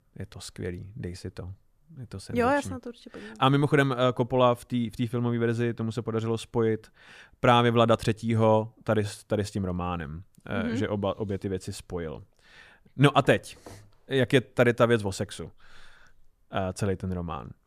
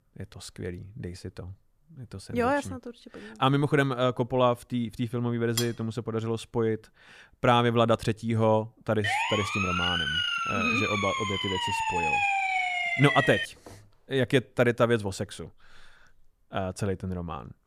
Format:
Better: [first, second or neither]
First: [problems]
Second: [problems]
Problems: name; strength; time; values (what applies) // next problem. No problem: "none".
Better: first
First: none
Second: clattering dishes; noticeable; at 5.5 s; peak 5 dB below the speech // siren; loud; from 9 to 13 s; peak 4 dB above the speech